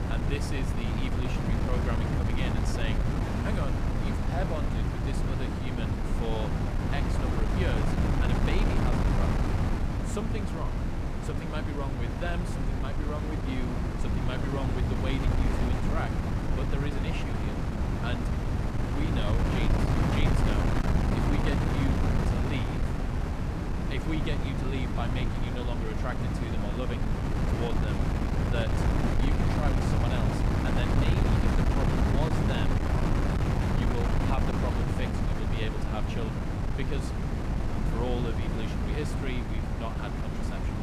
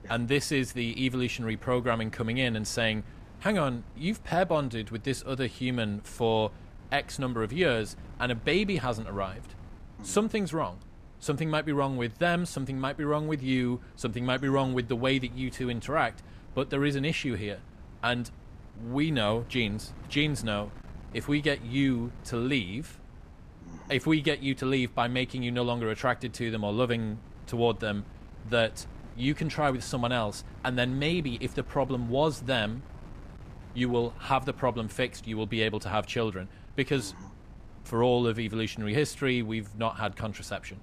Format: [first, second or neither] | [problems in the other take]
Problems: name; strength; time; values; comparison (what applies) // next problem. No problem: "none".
second | wind noise on the microphone; heavy; 3 dB above the speech; occasional gusts in the second